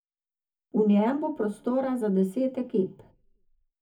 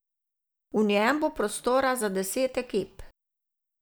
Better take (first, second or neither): second